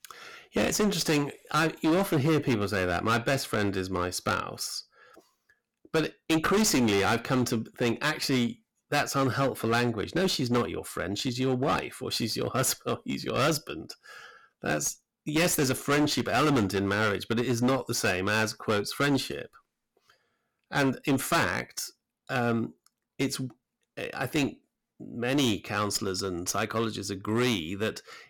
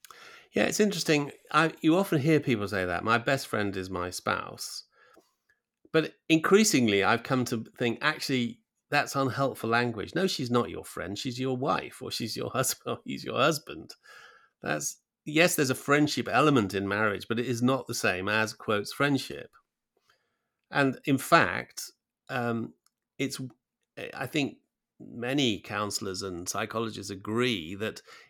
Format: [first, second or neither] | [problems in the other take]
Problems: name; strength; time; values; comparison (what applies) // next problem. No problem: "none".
second | distortion; heavy; 12% of the sound clipped